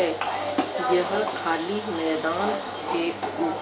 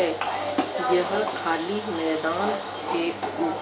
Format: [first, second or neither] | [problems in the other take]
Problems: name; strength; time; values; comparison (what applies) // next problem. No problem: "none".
second | background sound (Cough); 19 dB below the speech